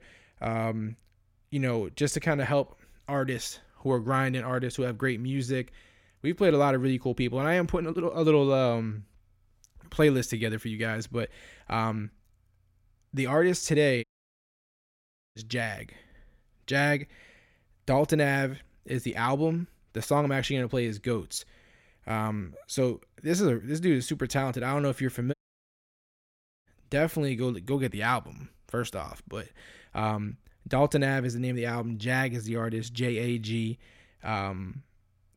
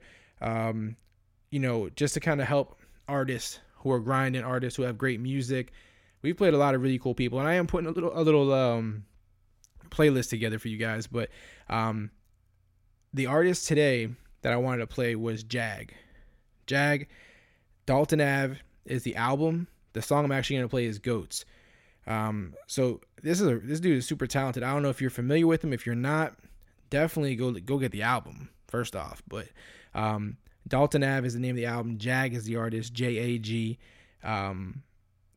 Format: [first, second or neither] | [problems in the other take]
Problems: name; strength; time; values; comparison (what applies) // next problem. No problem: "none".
second | audio cutting out; at 14 s for 1.5 s and at 25 s for 1.5 s